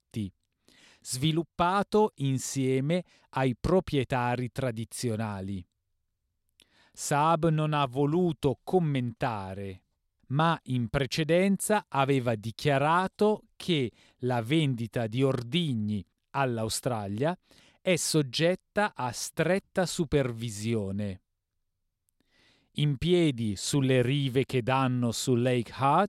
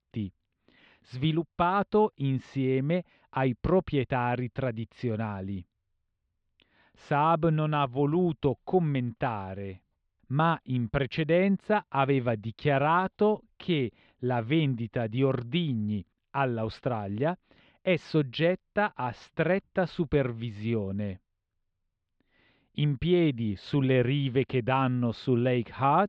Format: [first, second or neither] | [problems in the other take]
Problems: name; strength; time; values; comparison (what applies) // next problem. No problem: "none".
first | muffled; very; fading above 3 kHz